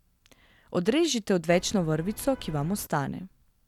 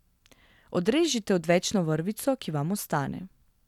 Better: second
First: background sound (Vehicle horn, car horn, honking); 17 dB below the speech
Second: none

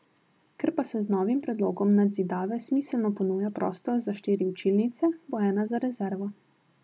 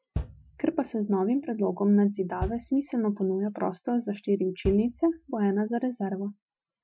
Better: first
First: none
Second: noise reduction (classical method Wiener filter)

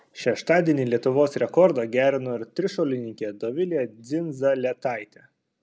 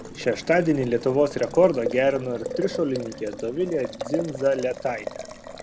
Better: first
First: none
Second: background sound (Boiling); 10 dB below the speech

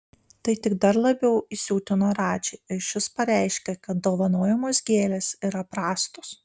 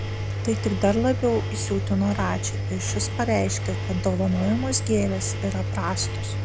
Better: first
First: none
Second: background sound (Engine); 2 dB below the speech

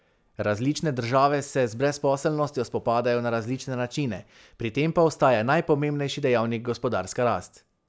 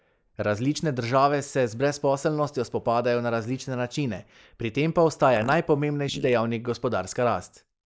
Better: first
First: none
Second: noise reduction (neural mask model Resemble Enhance denoiser)

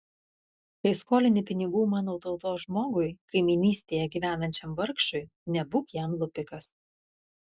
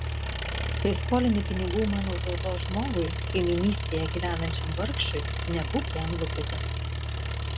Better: first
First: none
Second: background sound (Engine); as loud as the speech

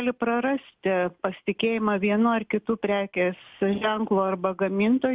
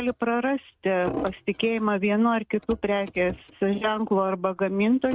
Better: first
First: none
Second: noise reduction (neural mask model RNNoise)

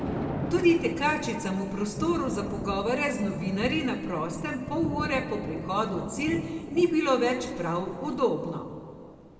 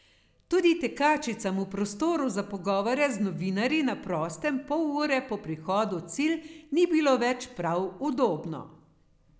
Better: second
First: background sound (Thunder); 8 dB below the speech // room echo; dies away in 1.6 s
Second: none

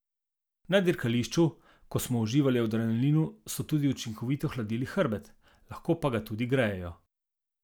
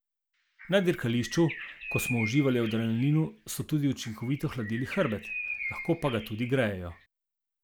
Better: first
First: none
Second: background sound (Bird); 11 dB below the speech

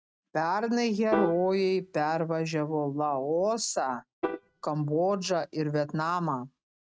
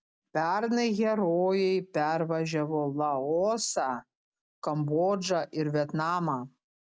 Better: second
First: noise reduction (neural mask model RNNoise)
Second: none

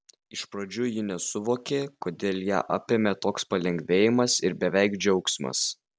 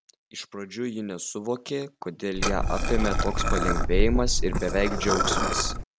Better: first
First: none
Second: background sound (Liquid); 5 dB above the speech

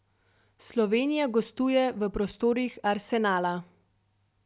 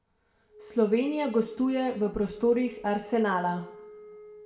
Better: first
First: none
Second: background sound (Wind instrument, woodwind instrument); 19 dB below the speech // room echo; dies away in 0.6 s

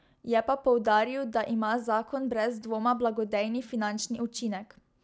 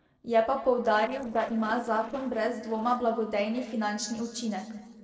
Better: first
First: none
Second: noise reduction (neural separator model SepFormer DNS4)

